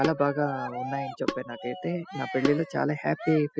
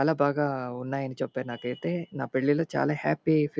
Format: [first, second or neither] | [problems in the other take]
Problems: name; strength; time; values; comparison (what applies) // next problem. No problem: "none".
second | noise reduction (classical method spectral subtraction)